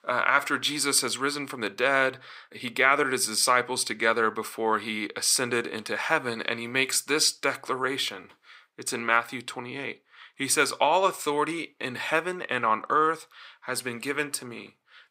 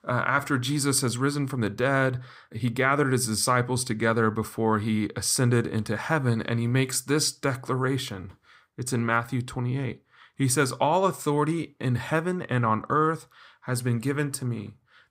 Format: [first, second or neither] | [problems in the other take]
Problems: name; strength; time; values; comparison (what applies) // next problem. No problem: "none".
second | thin; somewhat; fading below 400 Hz